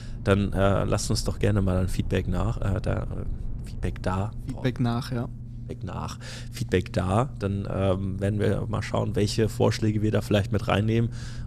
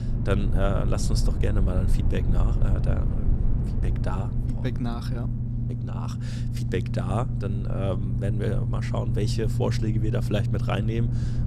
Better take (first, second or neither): first